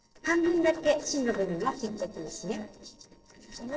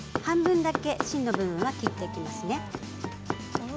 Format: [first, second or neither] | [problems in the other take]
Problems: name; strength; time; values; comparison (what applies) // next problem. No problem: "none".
second | noise reduction (neural separator model SepFormer DNS4)